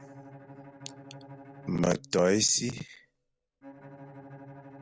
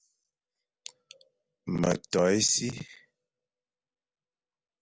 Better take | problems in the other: second | background sound (Bowed string instrument); 17 dB below the speech

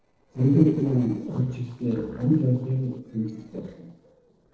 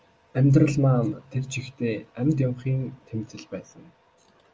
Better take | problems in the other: second | noise reduction (neural separator model SepFormer DNS4)

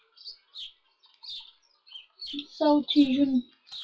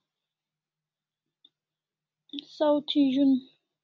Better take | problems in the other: second | noise reduction (classical method WPE with log-MMSE)

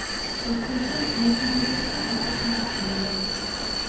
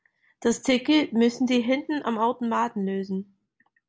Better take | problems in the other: second | background sound (Vehicle); 1 dB above the speech // room echo; dies away in 0.9 s

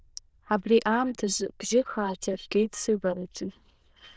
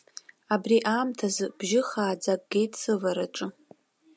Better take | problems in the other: second | noise reduction (neural diffusion model UNIVERSE++)

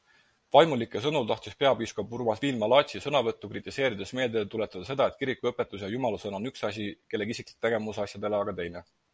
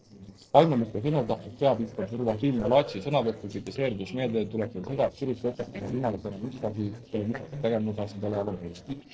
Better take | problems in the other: first | noise reduction (neural separator model SepFormer DNS4)

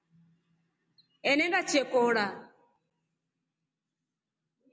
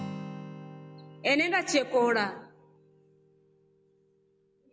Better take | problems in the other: first | background sound (Acoustic guitar); 14 dB below the speech

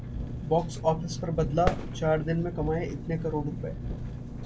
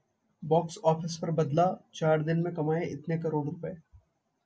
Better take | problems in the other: second | background sound (Fireworks + Engine); 5 dB below the speech

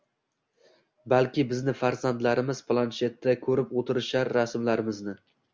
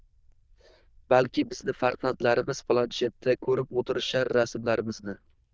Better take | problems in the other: first | noise reduction (neural diffusion model UNIVERSE++)

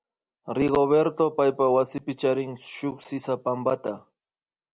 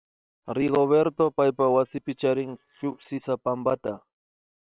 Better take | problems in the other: first | noise reduction (neural separator model SepFormer WHAM!)

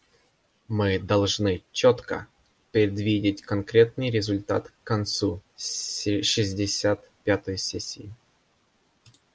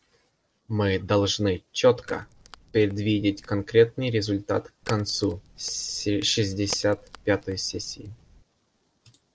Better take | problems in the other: first | noise reduction (neural separator model SepFormer DNS4)

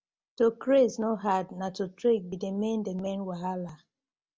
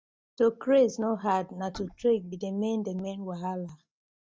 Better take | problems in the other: first | noise reduction (neural mask model DeepFilterNet 3)

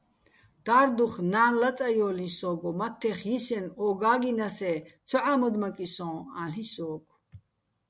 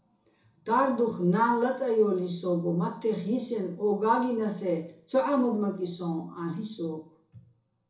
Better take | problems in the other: first | room echo; dies away in 0.6 s

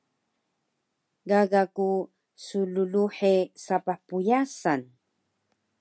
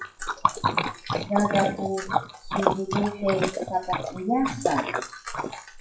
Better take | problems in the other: first | noise reduction (classical method WPE with log-MMSE)

